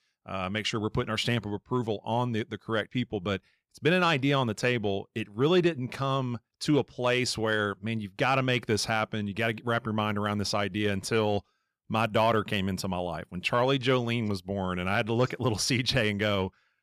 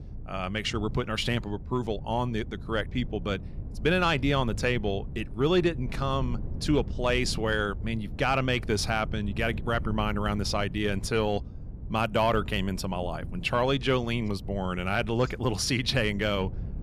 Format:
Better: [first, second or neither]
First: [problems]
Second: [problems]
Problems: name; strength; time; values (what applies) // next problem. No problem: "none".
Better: first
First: none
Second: wind noise on the microphone; occasional gusts; 20 dB below the speech